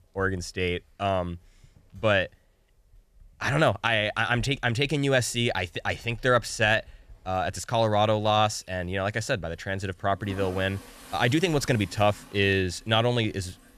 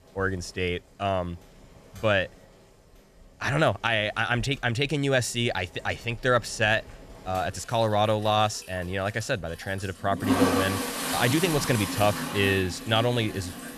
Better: first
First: household noises; faint; throughout; 20 dB below the speech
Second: household noises; loud; throughout; 3 dB below the speech

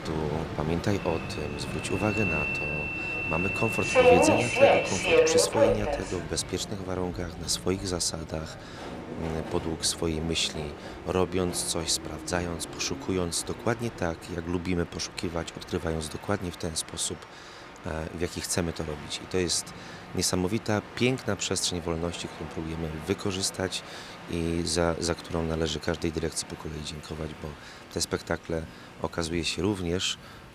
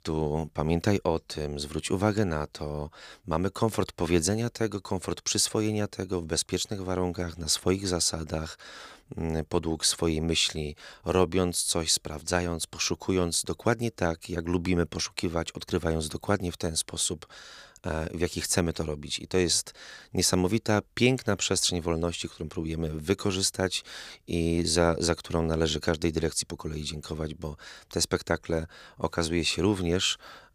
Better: second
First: train or aircraft noise; very loud; throughout; 2 dB above the speech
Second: none

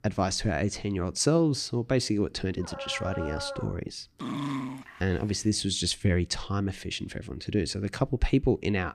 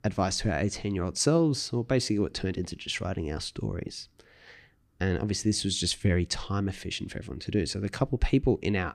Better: second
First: dog barking; noticeable; from 2.5 to 3.5 s and at 4 s; peak 4 dB below the speech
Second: none

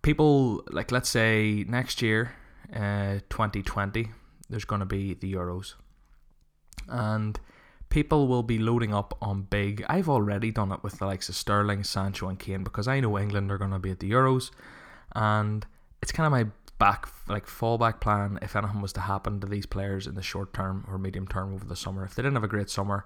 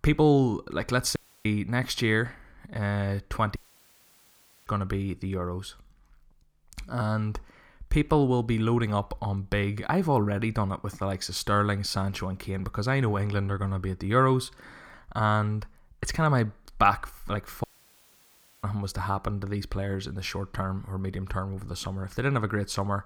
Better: first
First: none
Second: audio cutting out; at 1 s, at 3.5 s for 1 s and at 18 s for 1 s

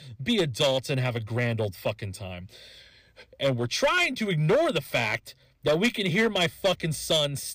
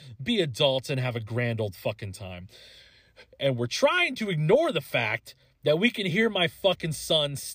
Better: second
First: distortion; slight; 5% of the sound clipped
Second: none

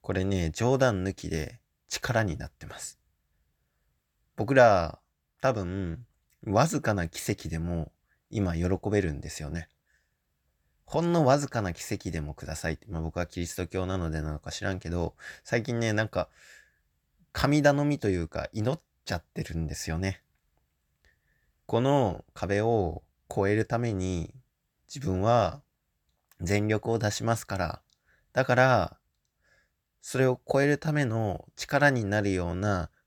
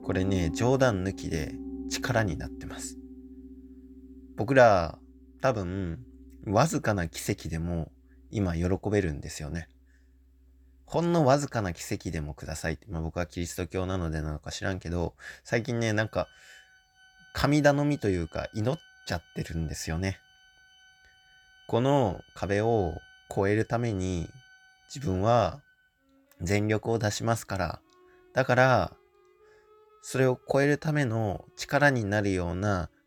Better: first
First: none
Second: background music; noticeable; throughout; 20 dB below the speech

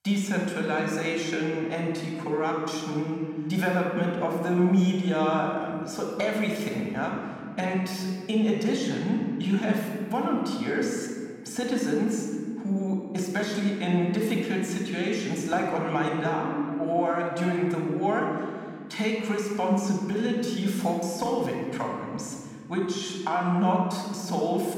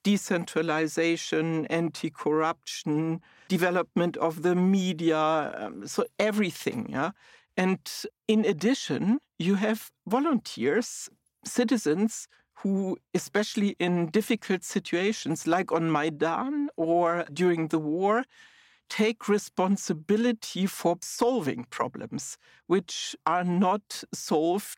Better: second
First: room echo; noticeable; dies away in 2 s // off-mic speech; somewhat distant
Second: none

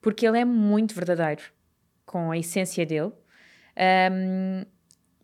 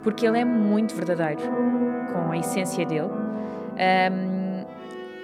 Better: first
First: none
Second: background music; loud; throughout; 5 dB below the speech

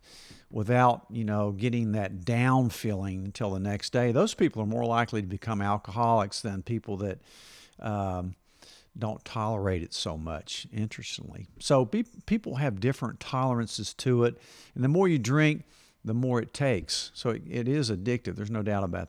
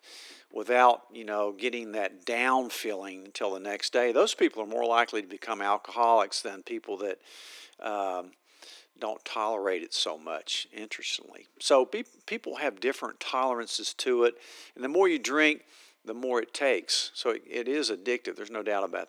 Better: first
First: none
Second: thin; very; fading below 300 Hz

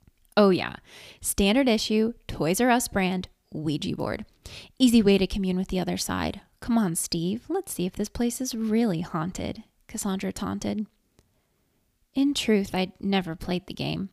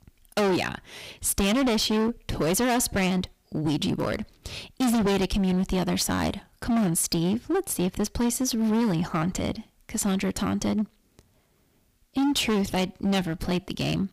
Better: first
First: none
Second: distortion; heavy; 17% of the sound clipped

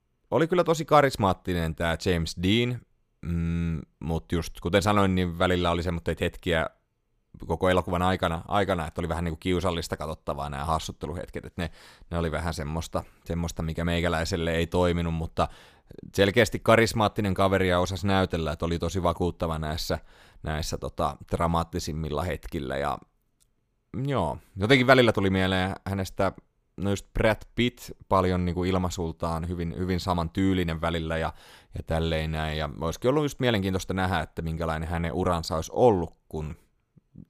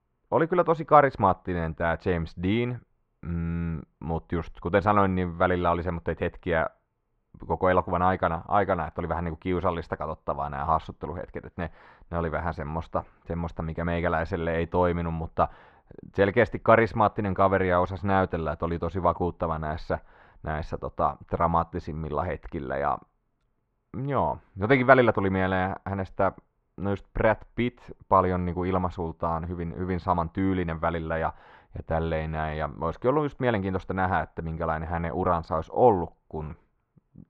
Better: first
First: none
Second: muffled; very; fading above 1.5 kHz

